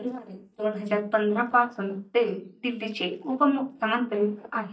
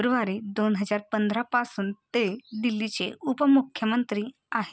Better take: second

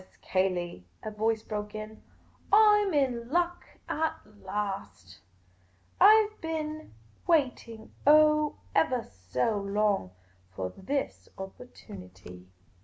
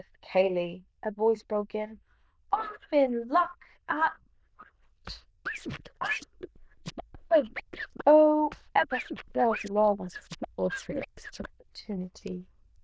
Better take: first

